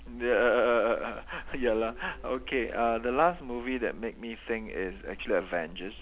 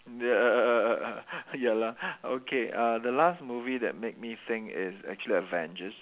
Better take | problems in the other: second | background sound (Printer); 15 dB below the speech

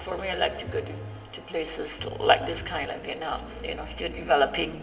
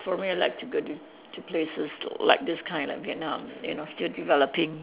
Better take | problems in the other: second | background sound (Piano); 12 dB below the speech // room echo; dies away in 1.9 s

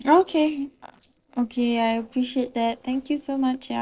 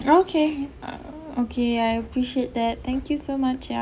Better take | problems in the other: second | noise reduction (neural separator model SepFormer DNS4)

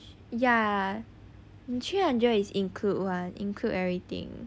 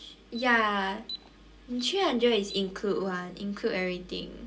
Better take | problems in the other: first | background sound (Alarm); 19 dB below the speech // room echo; dies away in 0.2 s

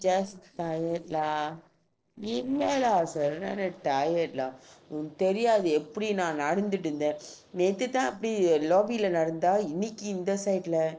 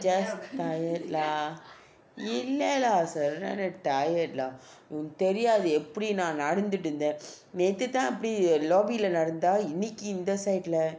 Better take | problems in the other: second | noise reduction (neural separator model SepFormer DNS4)

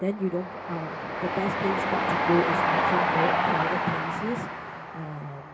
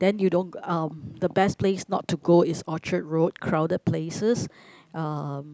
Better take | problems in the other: second | background sound (Train); 3 dB above the speech // room echo; dies away in 0.2 s

